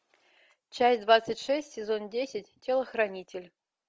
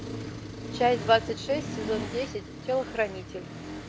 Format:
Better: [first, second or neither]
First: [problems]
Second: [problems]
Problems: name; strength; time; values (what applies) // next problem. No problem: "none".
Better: first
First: none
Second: background sound (Accelerating, revving, vroom); 7 dB below the speech